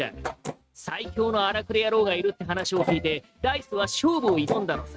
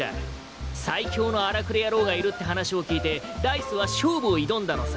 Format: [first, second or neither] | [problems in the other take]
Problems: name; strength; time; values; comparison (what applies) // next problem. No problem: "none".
second | noise reduction (neural mask model RNNoise)